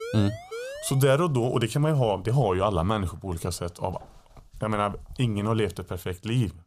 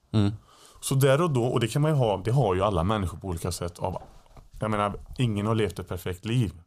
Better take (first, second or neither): second